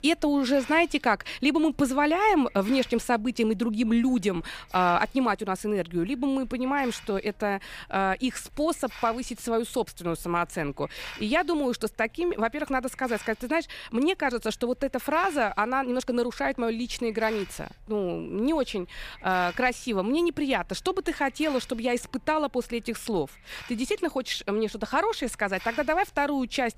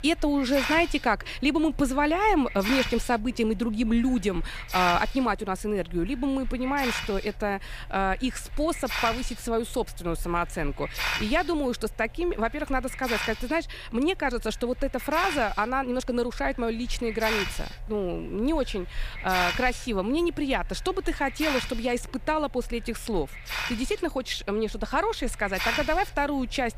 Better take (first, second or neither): first